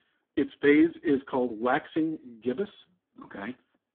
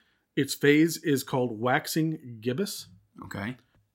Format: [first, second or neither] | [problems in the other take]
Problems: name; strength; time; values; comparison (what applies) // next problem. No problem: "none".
second | phone-call audio; poor line